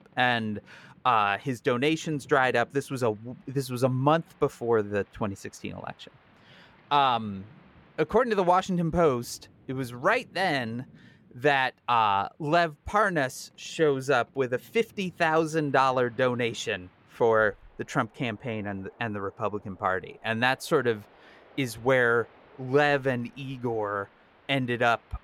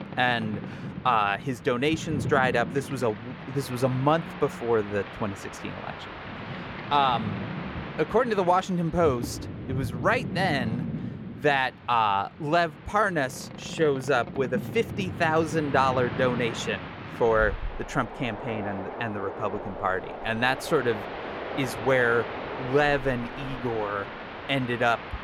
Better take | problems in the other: first | train or aircraft noise; loud; throughout; 9 dB below the speech; faint in the first

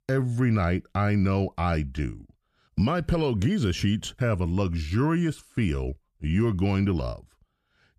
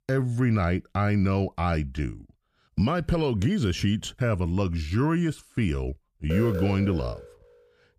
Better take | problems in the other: first | alarm; noticeable; from 6.5 to 7.5 s; peak 6 dB below the speech

